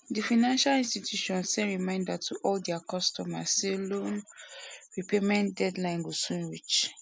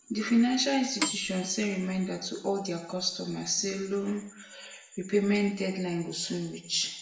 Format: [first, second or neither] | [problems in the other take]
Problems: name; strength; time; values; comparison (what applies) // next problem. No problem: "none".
first | background sound (Microwave oven / Bell); 6 dB below the speech // room echo; dies away in 0.7 s